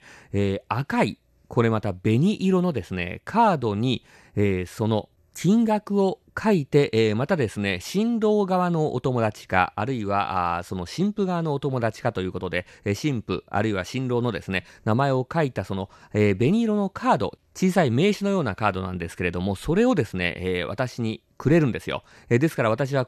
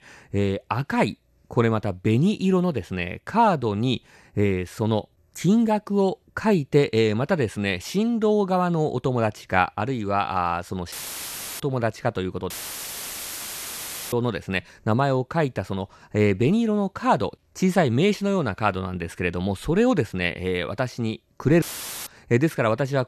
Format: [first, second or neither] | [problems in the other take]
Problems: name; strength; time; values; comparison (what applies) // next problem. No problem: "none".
first | audio cutting out; filled with static; at 11 s for 0.5 s, at 13 s for 1.5 s and at 22 s